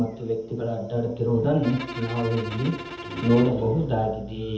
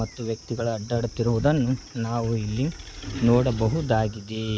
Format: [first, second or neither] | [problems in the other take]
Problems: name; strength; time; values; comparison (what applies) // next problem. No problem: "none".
second | background sound (Bowed string instrument); 12 dB below the speech // room echo; dies away in 0.8 s